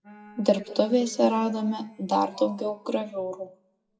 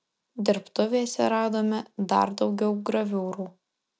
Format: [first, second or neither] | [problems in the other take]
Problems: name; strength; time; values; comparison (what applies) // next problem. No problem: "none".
second | noise reduction (classical method WPE with log-MMSE)